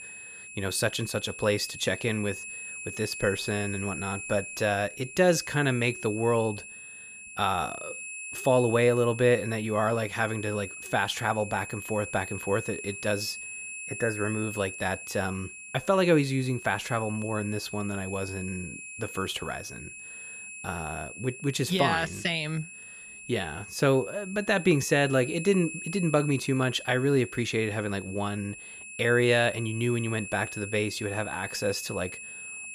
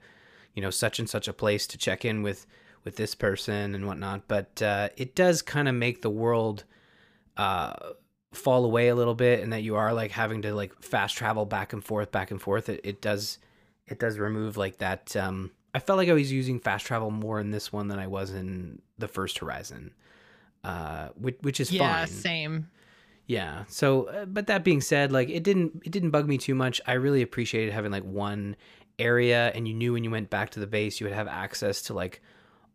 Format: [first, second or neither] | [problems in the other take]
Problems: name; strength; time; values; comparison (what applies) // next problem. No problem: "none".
second | high-pitched whine; noticeable; throughout; 2.5 kHz, 10 dB below the speech